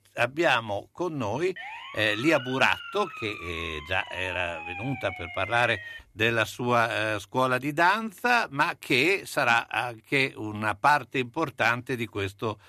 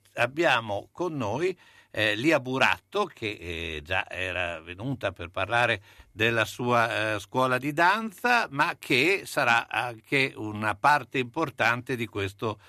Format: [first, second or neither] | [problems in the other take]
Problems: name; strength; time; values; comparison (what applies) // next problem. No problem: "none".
second | siren; faint; from 1.5 to 6 s; peak 10 dB below the speech